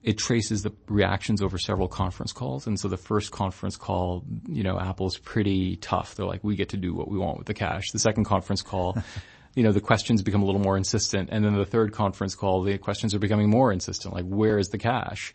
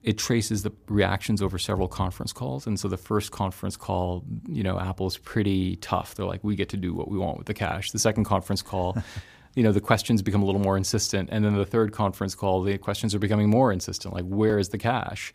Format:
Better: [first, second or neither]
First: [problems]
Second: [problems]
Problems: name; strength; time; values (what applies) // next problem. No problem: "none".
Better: second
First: garbled, watery; slightly; nothing above 8 kHz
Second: none